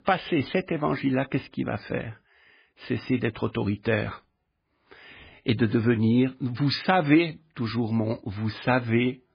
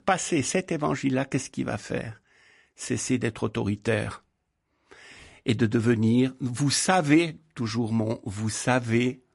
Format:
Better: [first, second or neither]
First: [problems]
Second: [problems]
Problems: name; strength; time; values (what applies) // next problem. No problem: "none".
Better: second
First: garbled, watery; badly; nothing above 5 kHz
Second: garbled, watery; slightly; nothing above 11 kHz